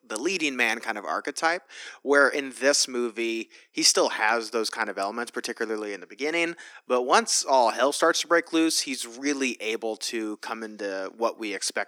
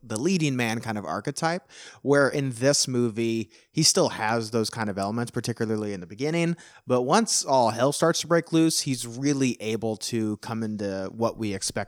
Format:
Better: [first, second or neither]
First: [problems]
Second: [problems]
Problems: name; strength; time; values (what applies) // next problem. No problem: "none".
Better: second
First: thin; somewhat; fading below 250 Hz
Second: none